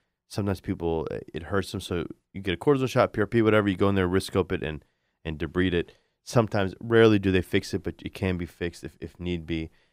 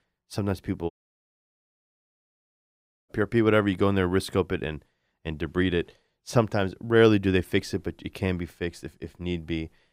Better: first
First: none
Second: audio cutting out; at 1 s for 2 s

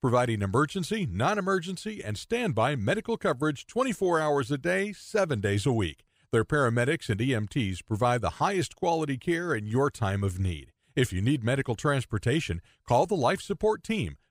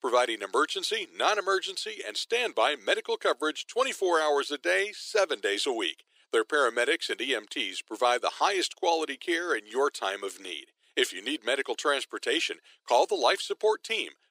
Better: first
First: none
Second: thin; very; fading below 350 Hz

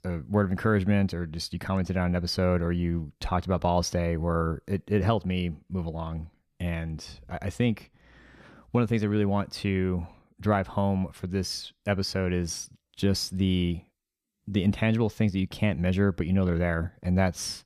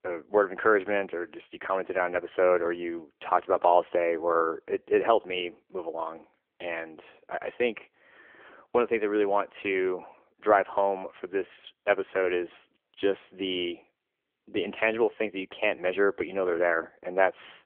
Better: first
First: none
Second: phone-call audio; poor line; nothing above 3 kHz

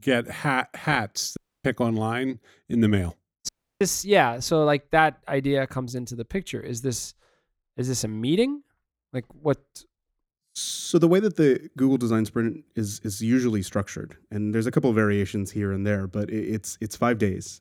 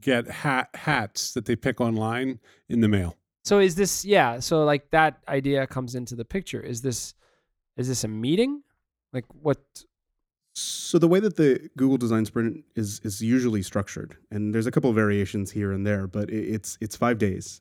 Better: second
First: audio cutting out; at 1.5 s and at 3.5 s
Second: none

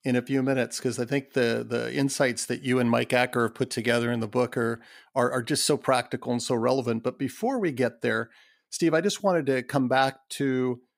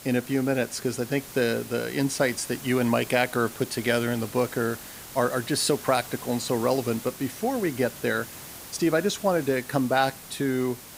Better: first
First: none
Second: hiss; noticeable; throughout; 15 dB below the speech

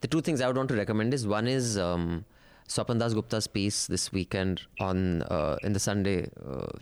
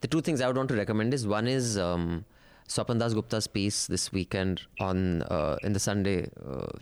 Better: neither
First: none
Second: none

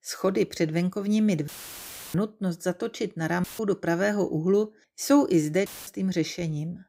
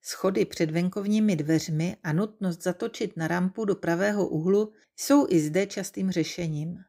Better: second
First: audio cutting out; filled with static; at 1.5 s for 0.5 s, at 3.5 s and at 5.5 s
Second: none

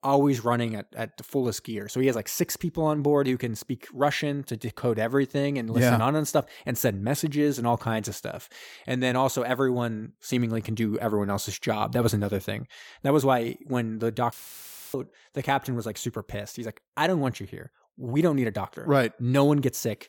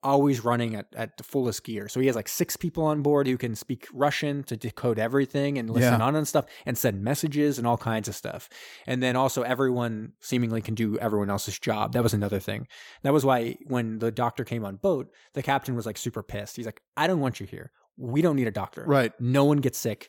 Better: second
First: audio cutting out; filled with static; at 14 s for 0.5 s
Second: none

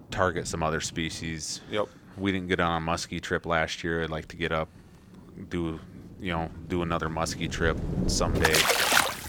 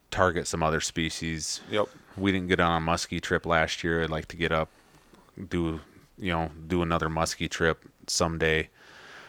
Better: second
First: rain or running water; very loud; throughout; 4 dB above the speech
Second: none

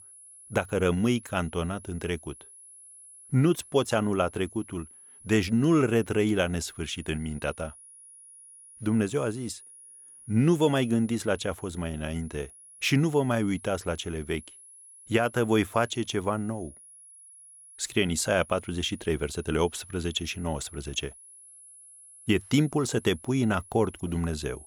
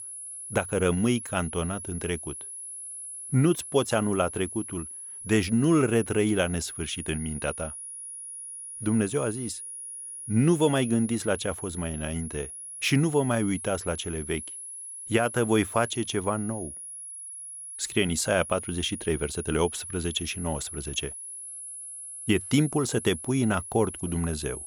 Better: first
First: high-pitched whine; faint; throughout; 10.5 kHz, 20 dB below the speech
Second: high-pitched whine; loud; throughout; 10.5 kHz, 9 dB below the speech

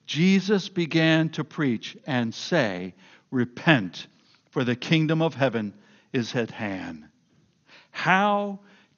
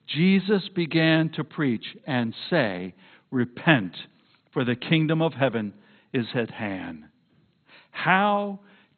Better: first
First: garbled, watery; slightly; nothing above 6.5 kHz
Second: garbled, watery; badly; nothing above 4 kHz

